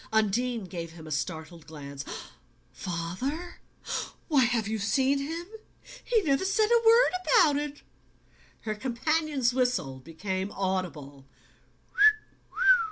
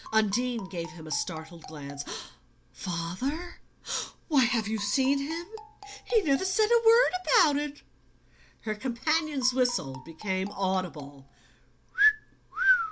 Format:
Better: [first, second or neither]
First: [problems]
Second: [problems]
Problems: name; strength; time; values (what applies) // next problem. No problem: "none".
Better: first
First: none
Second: background sound (Marimba, xylophone); 19 dB below the speech